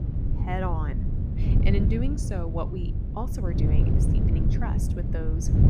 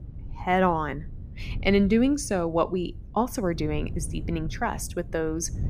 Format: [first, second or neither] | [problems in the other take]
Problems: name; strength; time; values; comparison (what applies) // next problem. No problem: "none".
second | wind noise on the microphone; heavy; 2 dB below the speech; occasional gusts in the second